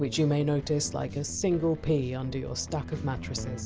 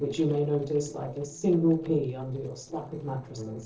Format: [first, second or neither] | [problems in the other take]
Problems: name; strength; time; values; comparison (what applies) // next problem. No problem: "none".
first | noise reduction (neural separator model SepFormer DNS4)